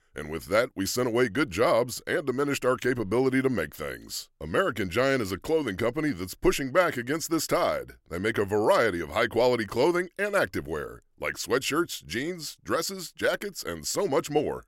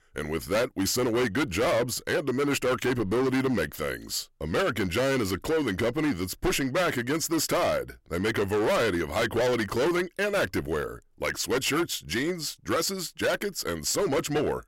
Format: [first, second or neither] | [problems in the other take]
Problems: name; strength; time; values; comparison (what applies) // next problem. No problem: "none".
first | distortion; heavy; 17% of the sound clipped